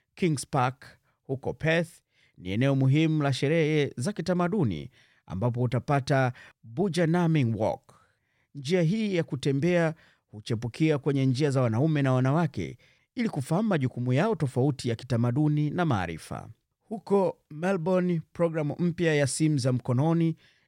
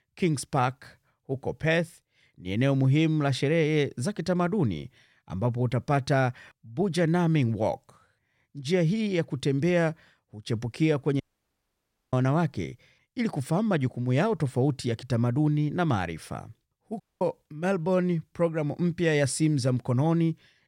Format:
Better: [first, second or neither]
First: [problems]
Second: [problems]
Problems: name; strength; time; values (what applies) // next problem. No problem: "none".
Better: first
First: none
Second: audio cutting out; at 11 s for 1 s and at 17 s